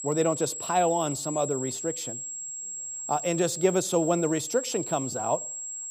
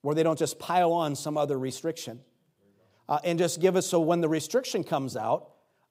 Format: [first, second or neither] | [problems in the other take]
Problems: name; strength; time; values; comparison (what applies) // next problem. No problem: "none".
second | high-pitched whine; loud; throughout; 7.5 kHz, 6 dB below the speech